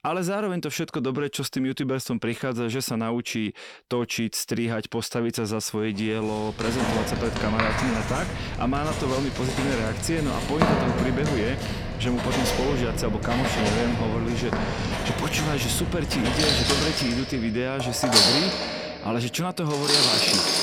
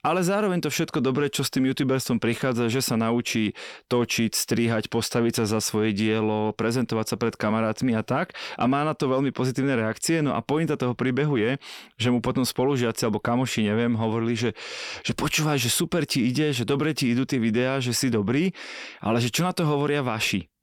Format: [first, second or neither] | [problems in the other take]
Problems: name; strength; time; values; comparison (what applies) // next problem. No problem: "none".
second | household noises; very loud; from 6.5 s on; 2 dB above the speech